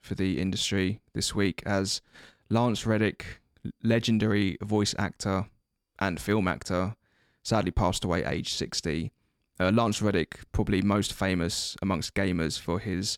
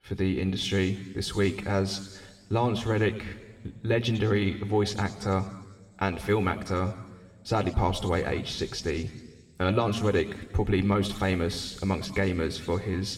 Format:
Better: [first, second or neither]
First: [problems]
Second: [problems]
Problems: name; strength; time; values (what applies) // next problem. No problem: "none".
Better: first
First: none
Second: room echo; slight; dies away in 1.7 s